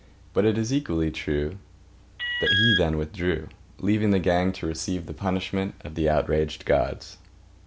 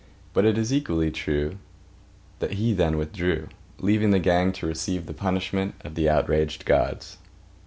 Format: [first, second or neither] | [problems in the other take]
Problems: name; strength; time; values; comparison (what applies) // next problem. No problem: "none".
second | background sound (Alarm); as loud as the speech